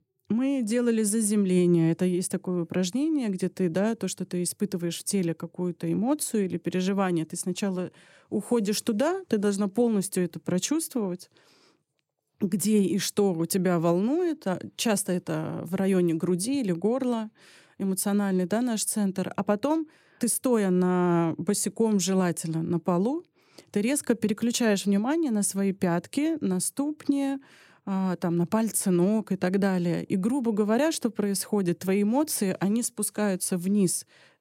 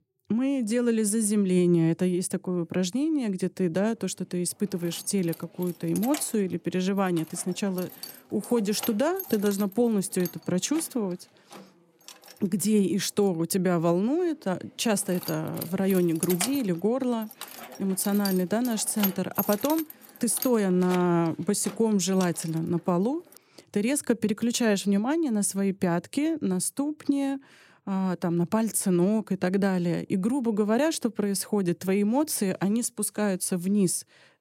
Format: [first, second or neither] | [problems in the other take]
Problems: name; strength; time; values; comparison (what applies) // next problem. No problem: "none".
first | jangling keys; noticeable; from 5 to 12 s and from 15 to 22 s; peak 3 dB below the speech